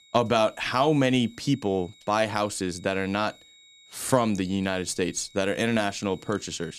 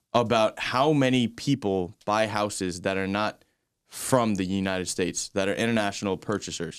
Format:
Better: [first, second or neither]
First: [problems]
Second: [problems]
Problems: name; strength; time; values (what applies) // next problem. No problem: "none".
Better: second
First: high-pitched whine; faint; throughout; 4 kHz, 25 dB below the speech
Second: none